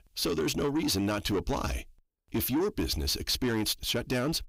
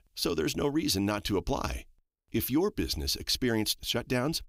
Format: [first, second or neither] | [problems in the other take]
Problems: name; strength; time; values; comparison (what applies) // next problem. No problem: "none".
second | distortion; slight; 10 dB below the speech